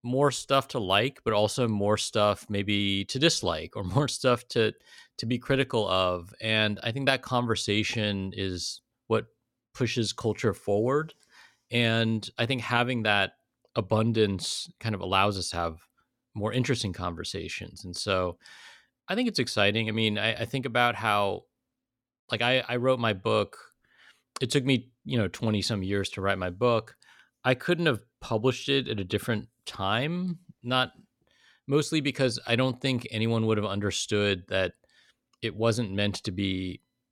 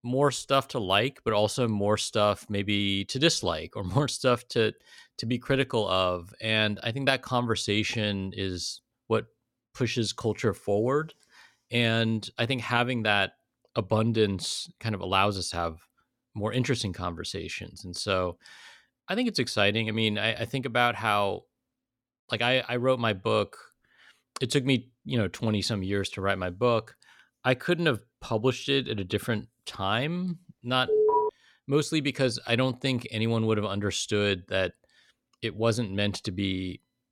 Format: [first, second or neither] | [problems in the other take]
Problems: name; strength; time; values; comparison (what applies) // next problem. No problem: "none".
first | alarm; loud; at 31 s; peak 4 dB above the speech